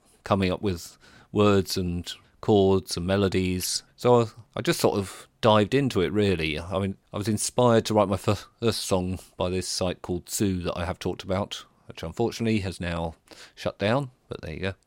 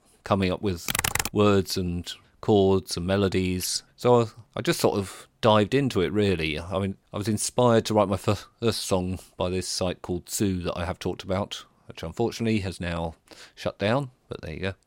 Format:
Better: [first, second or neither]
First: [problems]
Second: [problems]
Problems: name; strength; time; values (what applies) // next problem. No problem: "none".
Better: first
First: none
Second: keyboard typing; loud; at 1 s; peak 1 dB above the speech